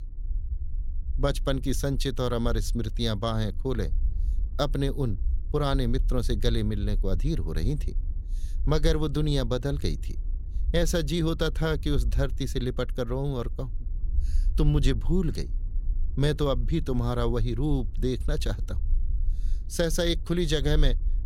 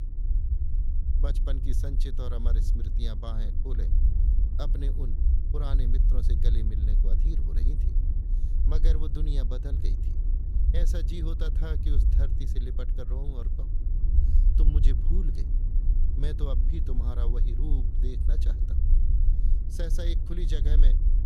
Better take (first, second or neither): first